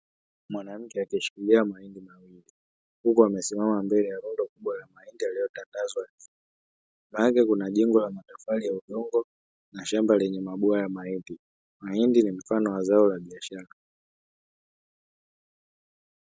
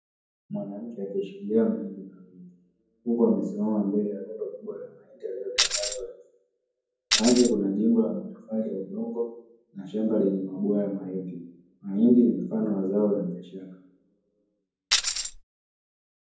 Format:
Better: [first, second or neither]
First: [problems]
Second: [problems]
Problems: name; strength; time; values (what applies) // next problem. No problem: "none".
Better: first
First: none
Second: background sound (Tambourine); 1 dB above the speech // room echo; dies away in 0.9 s